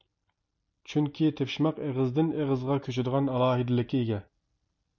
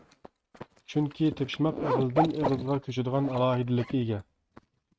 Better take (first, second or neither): first